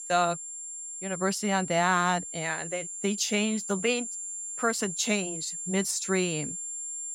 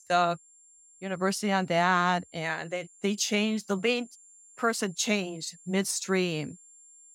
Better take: second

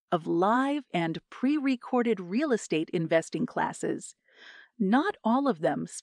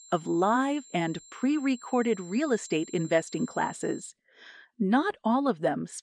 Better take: first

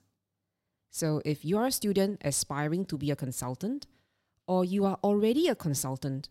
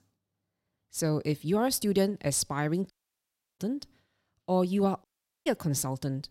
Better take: first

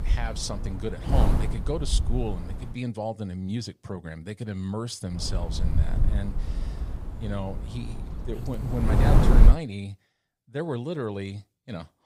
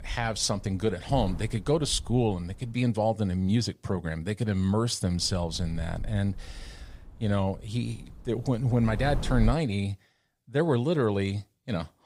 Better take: second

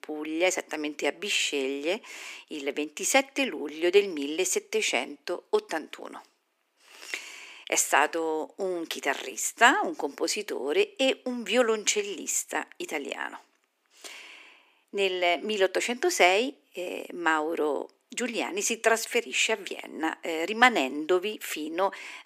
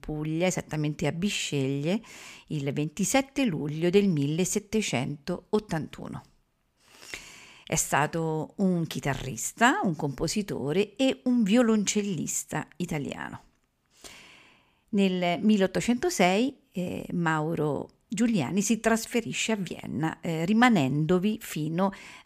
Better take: second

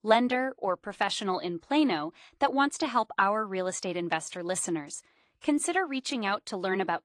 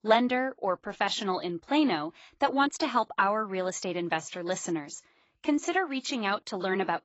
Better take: first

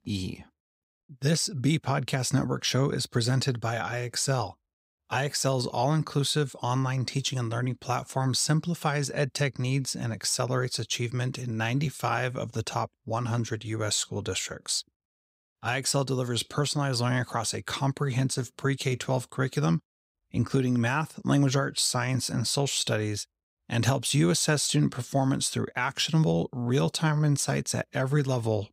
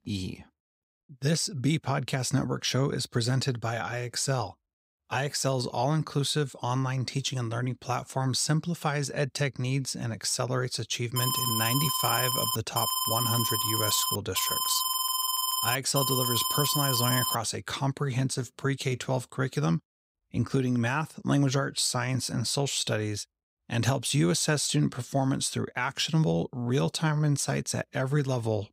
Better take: first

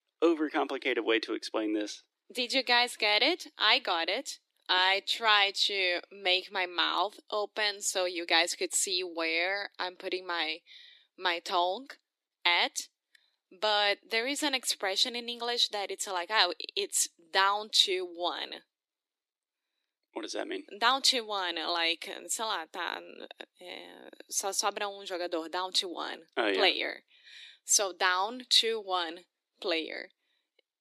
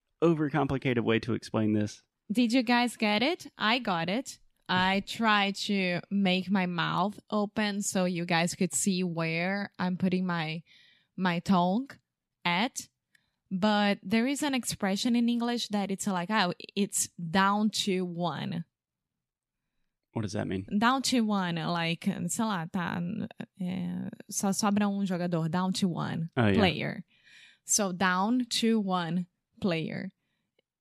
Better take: second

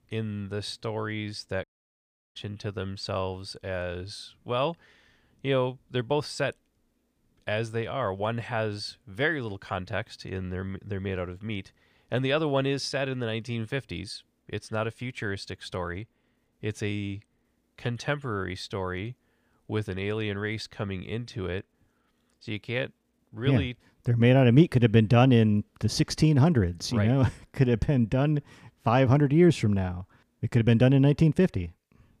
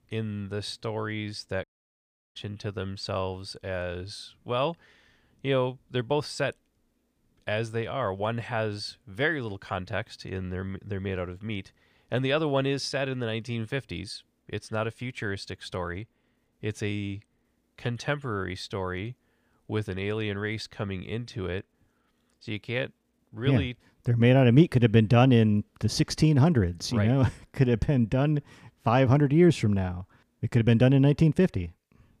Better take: neither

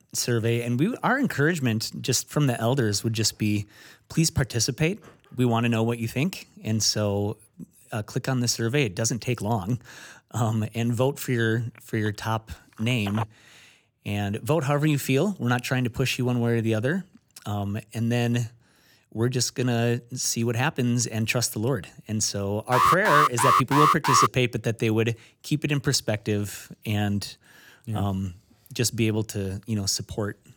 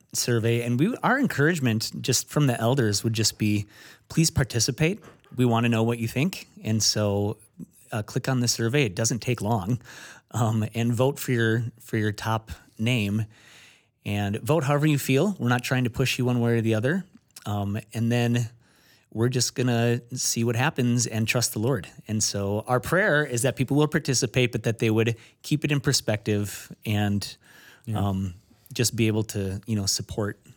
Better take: second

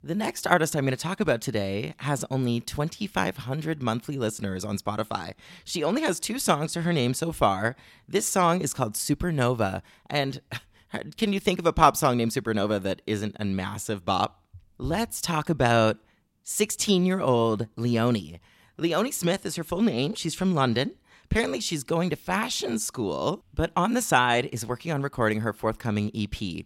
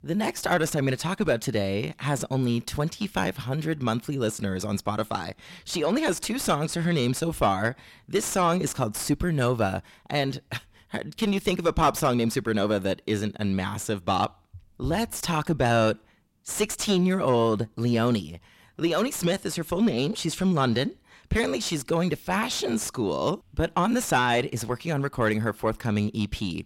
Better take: first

